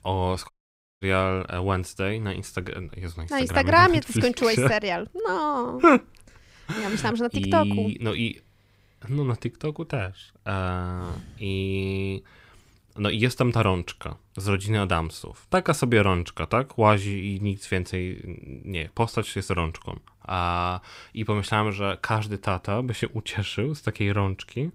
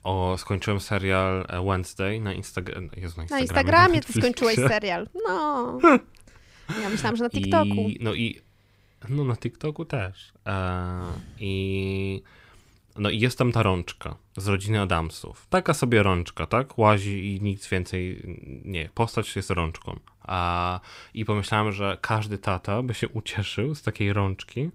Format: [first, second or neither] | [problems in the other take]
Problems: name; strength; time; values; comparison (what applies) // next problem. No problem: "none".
second | audio cutting out; at 0.5 s for 0.5 s